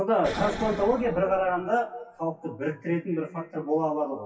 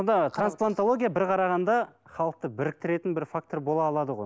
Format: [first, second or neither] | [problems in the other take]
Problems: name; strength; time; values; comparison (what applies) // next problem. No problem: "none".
second | noise reduction (classical method WPE with log-MMSE)